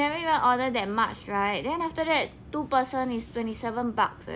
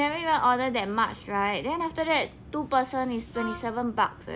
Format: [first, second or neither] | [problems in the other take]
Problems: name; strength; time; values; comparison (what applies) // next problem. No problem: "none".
first | background sound (Wind instrument, woodwind instrument); 13 dB below the speech